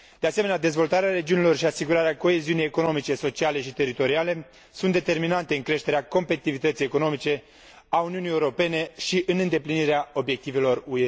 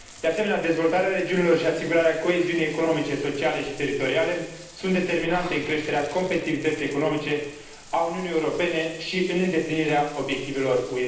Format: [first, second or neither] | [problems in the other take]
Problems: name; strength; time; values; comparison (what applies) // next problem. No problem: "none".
first | background sound (Bathtub (filling or washing) / Water); 19 dB below the speech // room echo; dies away in 0.9 s